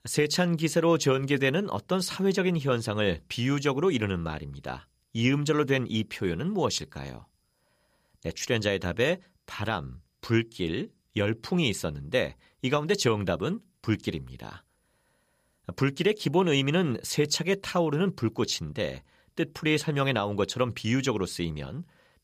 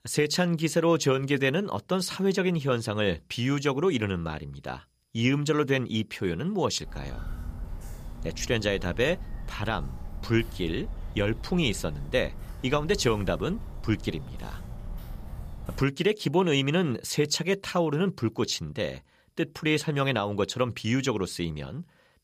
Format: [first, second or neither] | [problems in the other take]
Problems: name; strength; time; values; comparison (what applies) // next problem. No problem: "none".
first | footsteps; faint; from 7 to 16 s; peak 10 dB below the speech